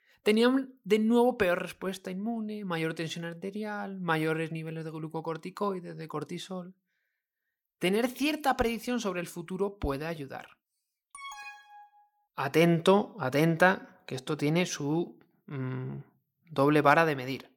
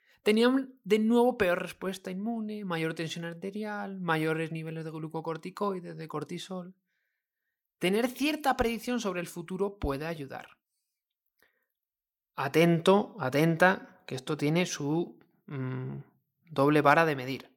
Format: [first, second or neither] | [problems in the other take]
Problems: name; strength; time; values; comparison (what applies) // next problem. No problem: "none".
second | alarm; faint; at 11 s; peak 15 dB below the speech